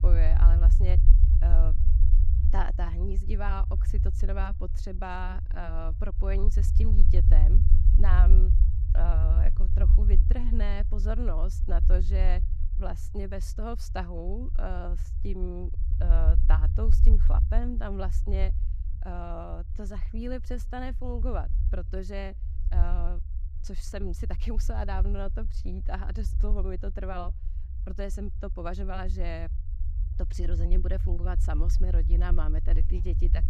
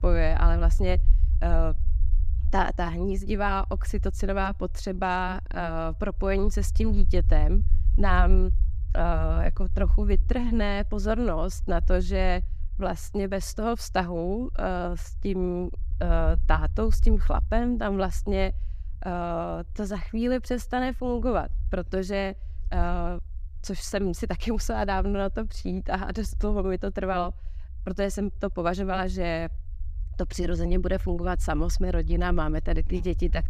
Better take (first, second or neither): second